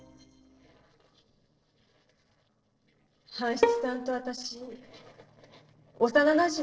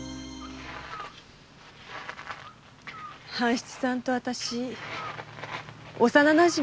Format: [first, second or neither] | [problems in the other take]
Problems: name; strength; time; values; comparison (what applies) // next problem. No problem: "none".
second | noise reduction (neural separator model SepFormer DNS4)